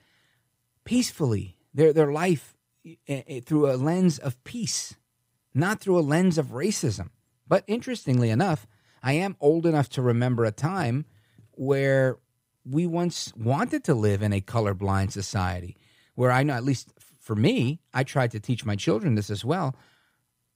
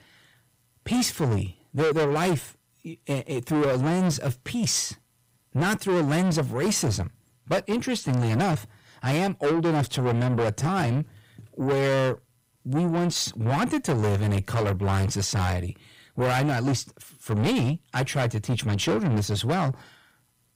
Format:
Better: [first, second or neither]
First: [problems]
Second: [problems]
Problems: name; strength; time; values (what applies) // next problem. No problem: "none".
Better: first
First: none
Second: distortion; heavy; 6 dB below the speech